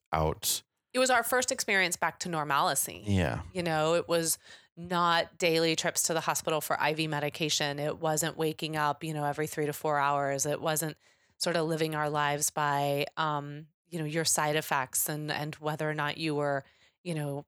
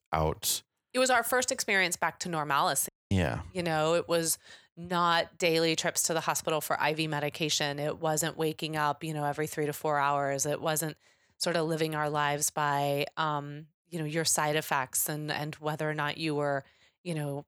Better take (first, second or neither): first